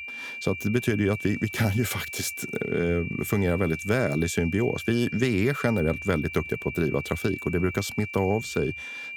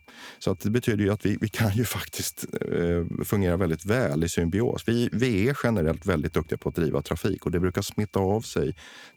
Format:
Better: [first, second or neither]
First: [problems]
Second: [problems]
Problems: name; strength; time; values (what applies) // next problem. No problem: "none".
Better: second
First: high-pitched whine; loud; throughout; 2.5 kHz, 8 dB below the speech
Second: high-pitched whine; faint; throughout; 2.5 kHz, 35 dB below the speech